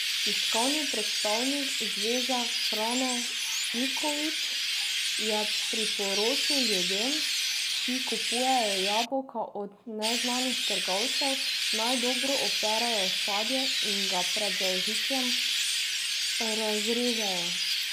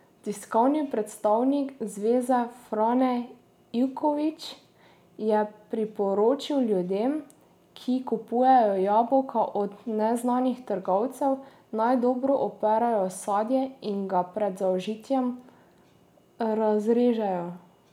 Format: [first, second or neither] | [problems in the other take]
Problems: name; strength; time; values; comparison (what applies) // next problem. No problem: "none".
second | background sound (Chirp, tweet); 4 dB above the speech